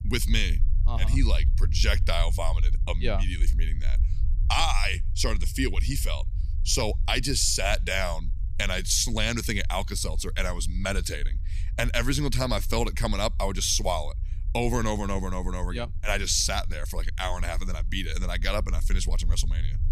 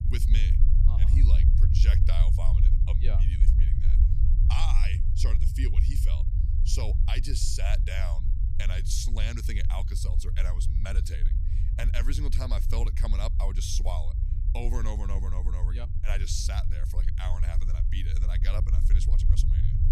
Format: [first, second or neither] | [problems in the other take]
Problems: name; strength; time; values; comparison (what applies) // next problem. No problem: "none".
first | low rumble; loud; throughout; 6 dB below the speech; faint in the first